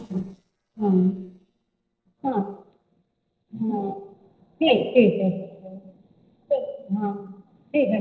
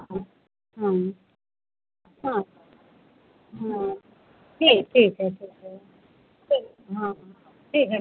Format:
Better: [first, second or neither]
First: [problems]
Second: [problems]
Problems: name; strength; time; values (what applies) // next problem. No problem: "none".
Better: second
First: noise reduction (neural separator model SepFormer DNS4)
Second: none